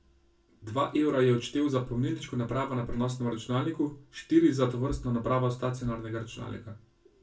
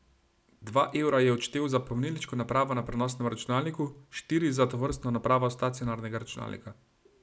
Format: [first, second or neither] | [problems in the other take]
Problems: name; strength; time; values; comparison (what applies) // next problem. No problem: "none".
second | room echo; dies away in 0.2 s